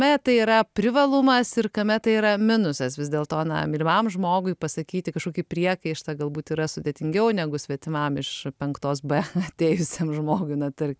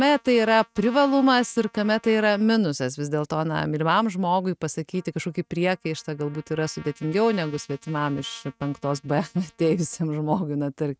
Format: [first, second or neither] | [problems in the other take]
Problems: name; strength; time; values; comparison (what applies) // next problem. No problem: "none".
first | noise reduction (neural mask model RNNoise)